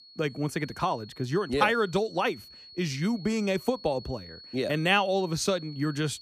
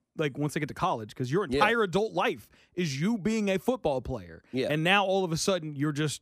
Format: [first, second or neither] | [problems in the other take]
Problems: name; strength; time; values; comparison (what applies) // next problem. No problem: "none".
second | high-pitched whine; noticeable; throughout; 4.5 kHz, 20 dB below the speech